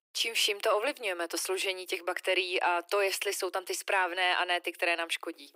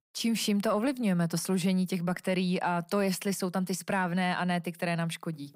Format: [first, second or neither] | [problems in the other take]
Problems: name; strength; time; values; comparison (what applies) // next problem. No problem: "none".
second | thin; very; fading below 350 Hz